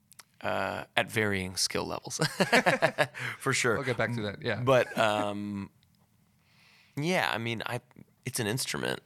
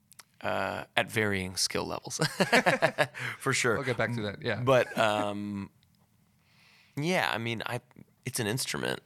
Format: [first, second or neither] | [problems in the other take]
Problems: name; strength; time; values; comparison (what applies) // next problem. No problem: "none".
neither | none